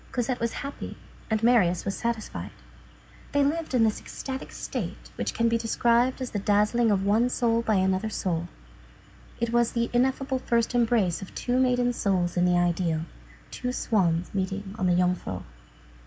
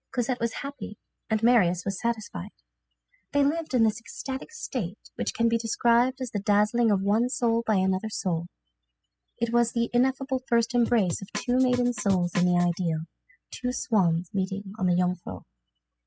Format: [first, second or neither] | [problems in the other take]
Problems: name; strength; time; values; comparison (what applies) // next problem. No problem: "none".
first | noise reduction (classical method spectral subtraction)